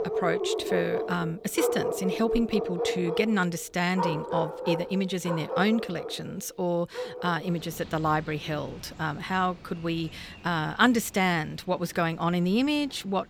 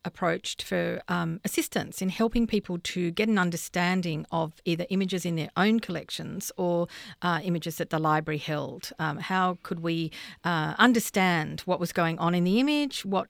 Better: second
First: animal sounds; loud; throughout; 4 dB below the speech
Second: none

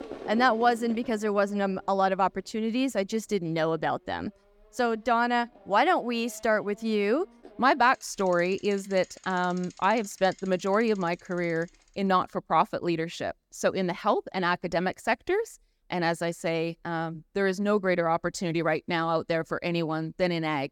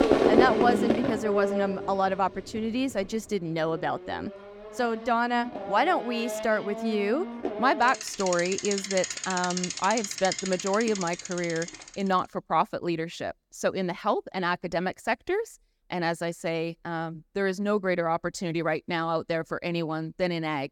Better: first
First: traffic noise; faint; until 12 s; 20 dB below the speech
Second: traffic noise; loud; until 12 s; 2 dB below the speech

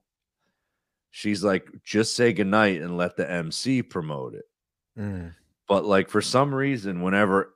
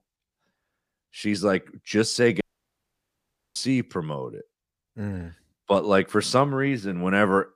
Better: first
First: none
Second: audio cutting out; at 2.5 s for 1 s

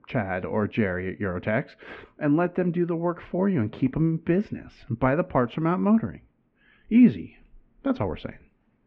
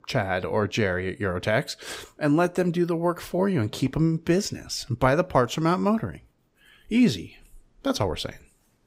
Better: second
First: muffled; very; fading above 2.5 kHz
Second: none

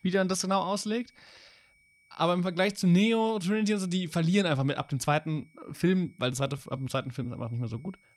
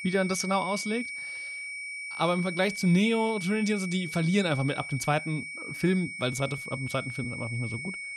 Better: first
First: high-pitched whine; faint; throughout; 2.5 kHz, 35 dB below the speech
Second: high-pitched whine; loud; throughout; 2.5 kHz, 7 dB below the speech

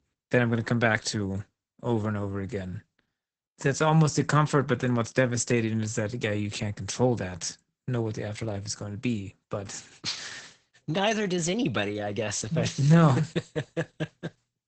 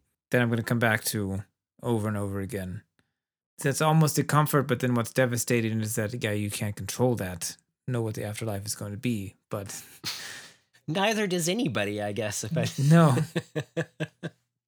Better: second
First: garbled, watery; badly; nothing above 8 kHz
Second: none

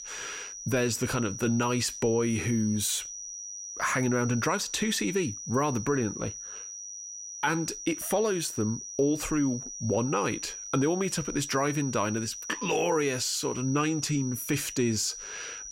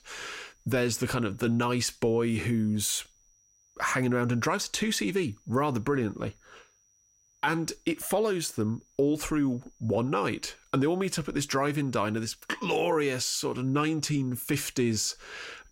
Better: second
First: high-pitched whine; loud; throughout; 6 kHz, 9 dB below the speech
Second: high-pitched whine; faint; throughout; 6 kHz, 35 dB below the speech

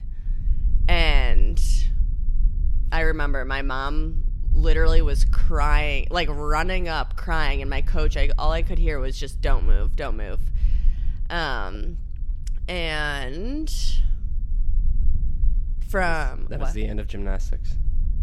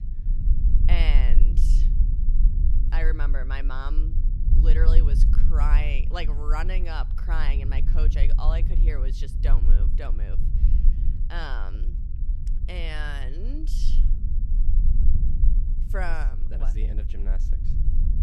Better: first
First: low rumble; faint; throughout; 25 dB below the speech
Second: low rumble; loud; throughout; 9 dB below the speech

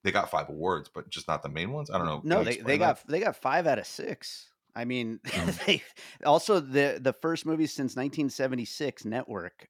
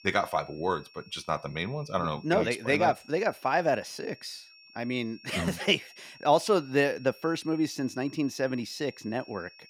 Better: first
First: none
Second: high-pitched whine; faint; throughout; 5.5 kHz, 25 dB below the speech

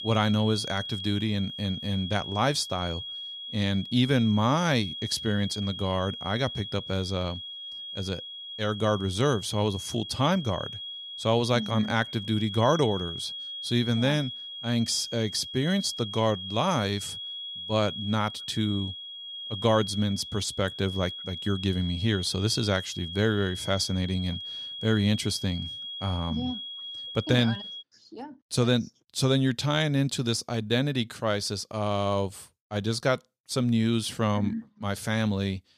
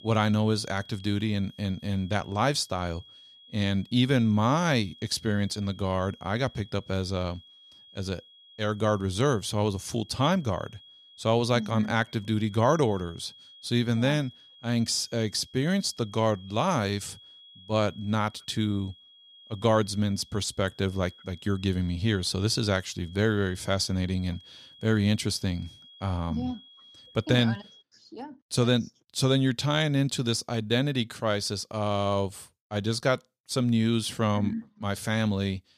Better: second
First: high-pitched whine; loud; until 28 s; 3.5 kHz, 8 dB below the speech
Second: high-pitched whine; faint; until 28 s; 3.5 kHz, 25 dB below the speech

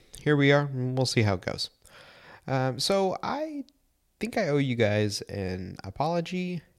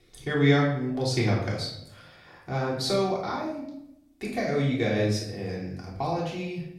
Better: first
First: none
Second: off-mic speech; far // room echo; noticeable; dies away in 0.6 s

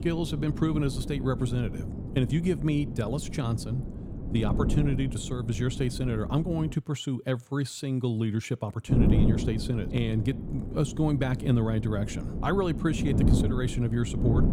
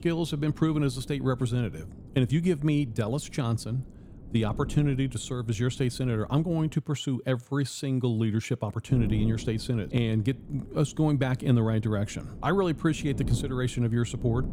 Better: second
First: wind noise on the microphone; heavy; until 6.5 s and from 9 s on; 6 dB below the speech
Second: wind noise on the microphone; occasional gusts; until 6.5 s and from 9 s on; 15 dB below the speech

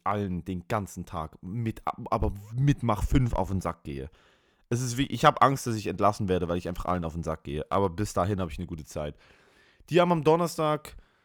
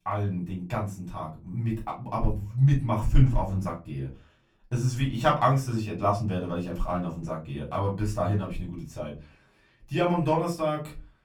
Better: first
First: none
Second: off-mic speech; far // room echo; very slight; dies away in 0.3 s

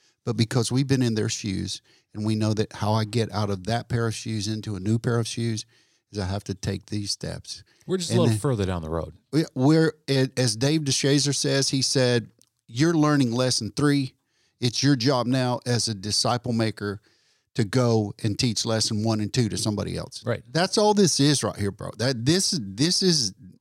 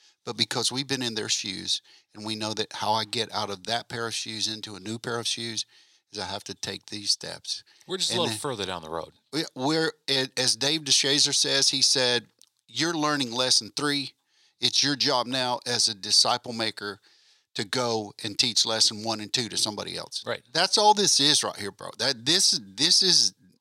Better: first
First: none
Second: thin; somewhat; fading below 750 Hz

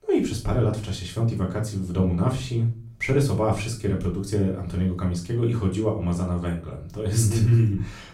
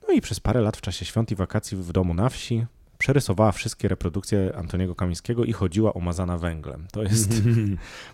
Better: second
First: room echo; slight; dies away in 0.3 s // off-mic speech; far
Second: none

